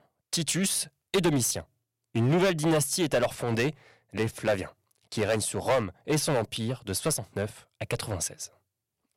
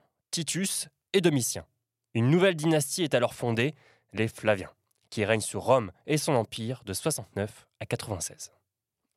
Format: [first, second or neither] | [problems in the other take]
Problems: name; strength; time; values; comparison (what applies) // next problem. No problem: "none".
second | distortion; heavy; 6% of the sound clipped